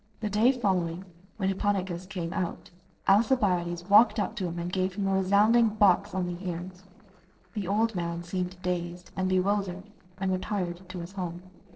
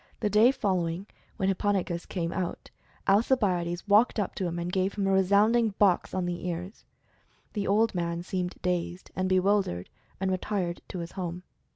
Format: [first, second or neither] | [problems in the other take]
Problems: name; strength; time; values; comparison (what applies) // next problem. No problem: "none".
second | noise reduction (neural separator model SepFormer DNS4)